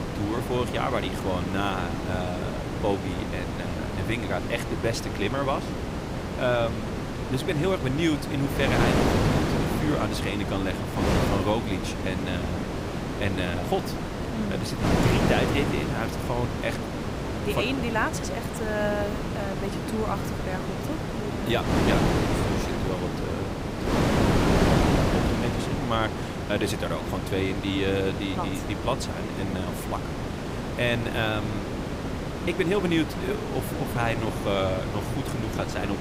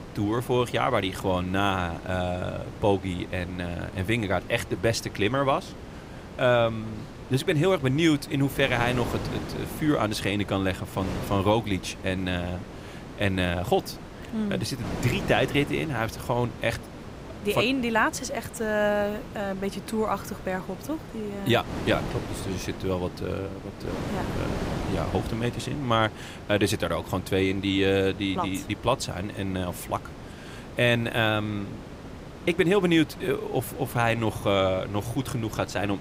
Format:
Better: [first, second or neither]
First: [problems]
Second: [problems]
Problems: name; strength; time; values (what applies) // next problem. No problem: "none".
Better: second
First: wind noise on the microphone; heavy; 1 dB below the speech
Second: wind noise on the microphone; occasional gusts; 15 dB below the speech